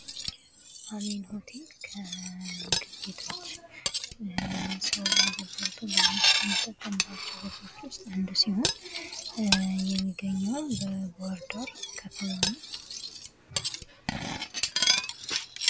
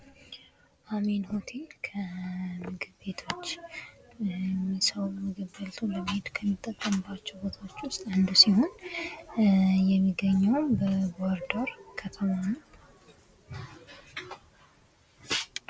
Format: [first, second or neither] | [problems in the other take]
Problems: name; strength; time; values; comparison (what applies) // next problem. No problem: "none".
second | background sound (Cutlery, silverware); 3 dB above the speech